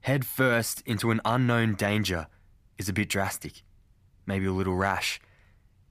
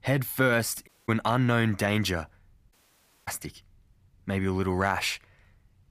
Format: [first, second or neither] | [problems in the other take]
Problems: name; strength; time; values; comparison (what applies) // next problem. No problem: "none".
first | audio cutting out; at 1 s and at 2.5 s for 0.5 s